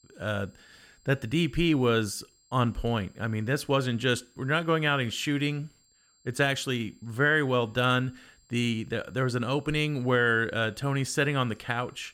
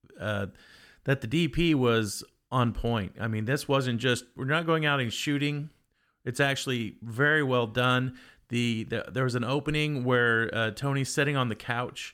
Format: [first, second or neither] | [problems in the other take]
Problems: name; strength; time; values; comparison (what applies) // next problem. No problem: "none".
second | high-pitched whine; faint; throughout; 7.5 kHz, 35 dB below the speech